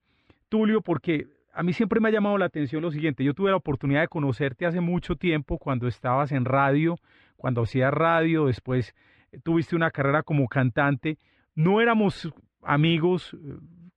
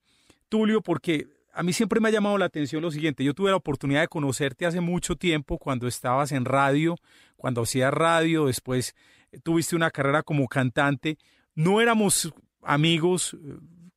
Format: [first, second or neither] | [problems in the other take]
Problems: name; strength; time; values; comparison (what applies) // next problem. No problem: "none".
second | muffled; very; fading above 3 kHz